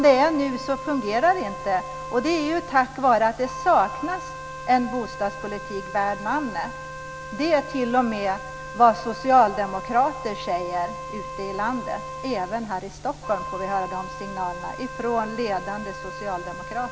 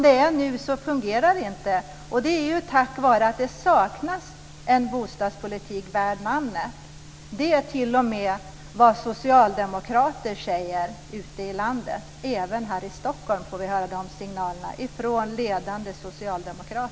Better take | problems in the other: second | background sound (Wind instrument, woodwind instrument); 11 dB below the speech

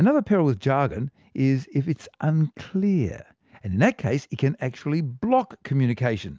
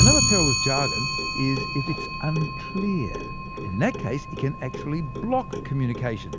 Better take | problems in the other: first | background sound (Clock); 1 dB above the speech

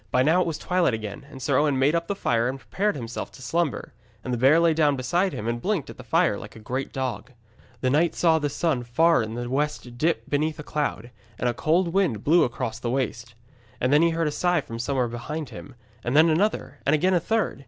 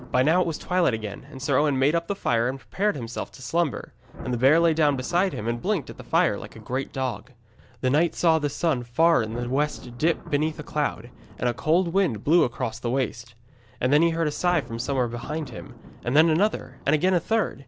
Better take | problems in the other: first | background sound (Thunder); 20 dB below the speech

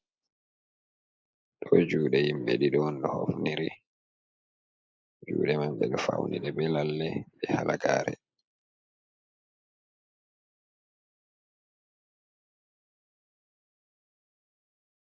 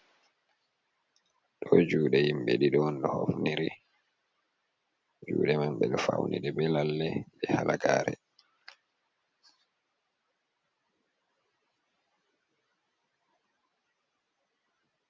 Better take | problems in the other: second | noise reduction (neural mask model Resemble Enhance denoiser)

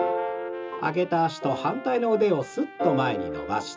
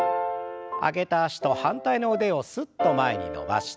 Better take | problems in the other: second | background sound (Trumpet); 19 dB below the speech // room echo; dies away in 0.2 s

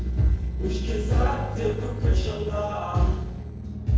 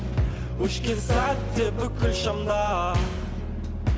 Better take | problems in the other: second | noise reduction (neural separator model SepFormer DNS4)

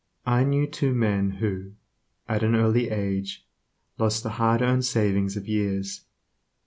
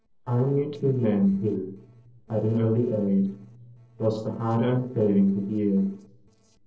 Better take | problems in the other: first | noise reduction (neural separator model SepFormer DNS4)

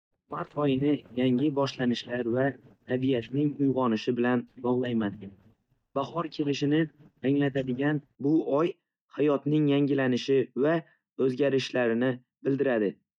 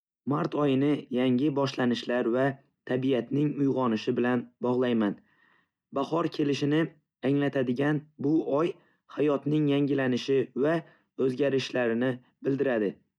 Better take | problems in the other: second | noise reduction (neural mask model DeepFilterNet 3)

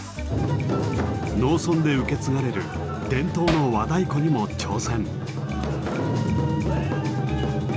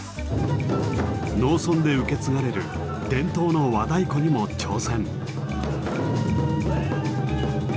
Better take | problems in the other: second | background sound (Hammer); 5 dB below the speech

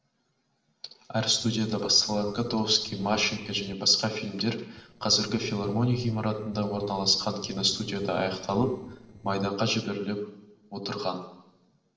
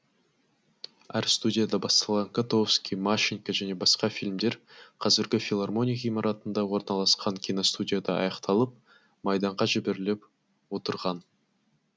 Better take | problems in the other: second | noise reduction (neural separator model SepFormer DNS4)

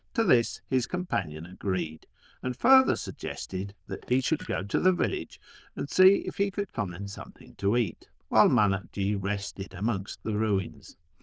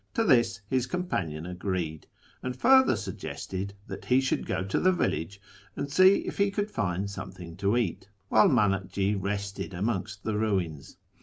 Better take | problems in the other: second | noise reduction (neural diffusion model UNIVERSE++)

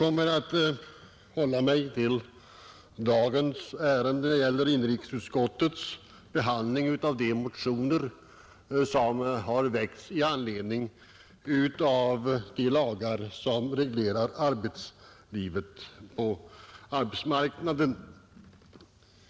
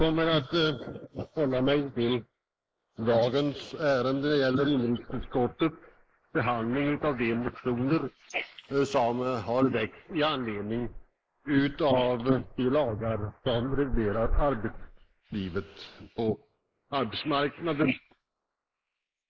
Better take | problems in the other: first | noise reduction (neural mask model Resemble Enhance denoiser)

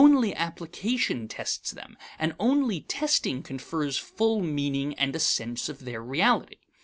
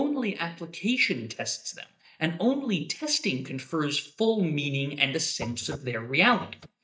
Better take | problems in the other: first | noise reduction (neural mask model DeepFilterNet 3)

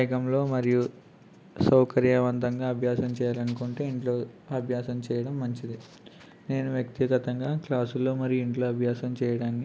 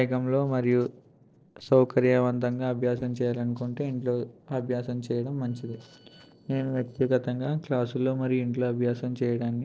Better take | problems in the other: first | noise reduction (neural separator model SepFormer DNS4)

